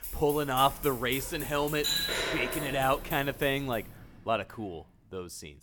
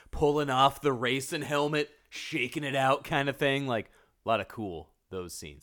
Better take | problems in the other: second | household noises; loud; until 4 s; 4 dB below the speech

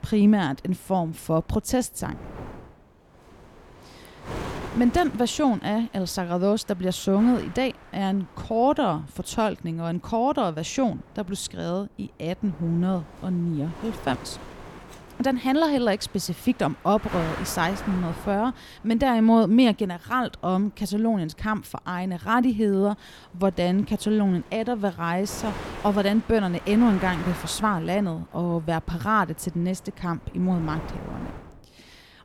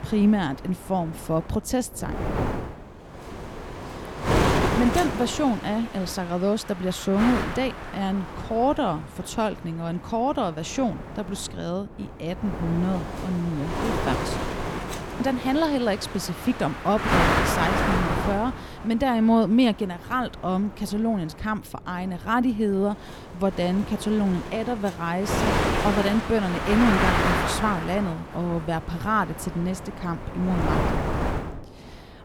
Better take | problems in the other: first | wind noise on the microphone; heavy; as loud as the speech; occasional gusts in the first

